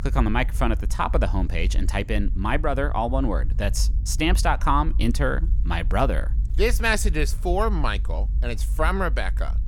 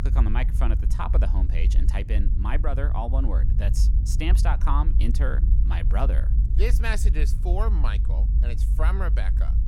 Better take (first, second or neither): first